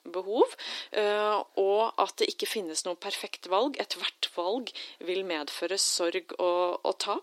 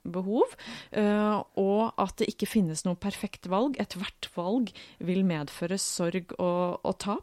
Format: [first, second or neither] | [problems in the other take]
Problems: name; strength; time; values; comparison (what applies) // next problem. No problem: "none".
second | thin; very; fading below 300 Hz